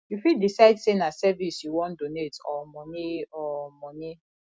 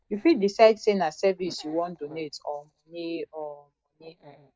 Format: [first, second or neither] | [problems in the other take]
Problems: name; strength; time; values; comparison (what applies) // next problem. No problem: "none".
first | noise reduction (neural mask model DeepFilterNet 3)